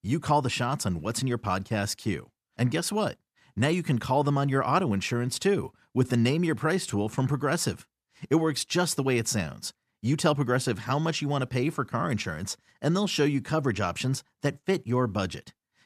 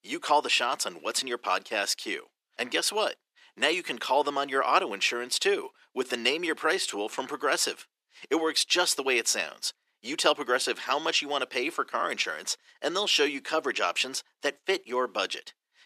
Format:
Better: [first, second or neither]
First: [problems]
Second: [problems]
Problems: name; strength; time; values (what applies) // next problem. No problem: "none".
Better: first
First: none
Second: thin; very; fading below 350 Hz